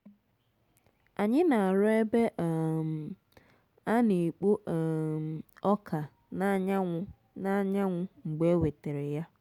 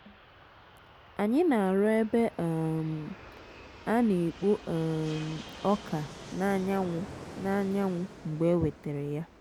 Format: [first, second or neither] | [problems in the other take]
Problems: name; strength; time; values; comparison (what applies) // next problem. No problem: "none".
first | background sound (Fixed-wing aircraft, airplane); 17 dB below the speech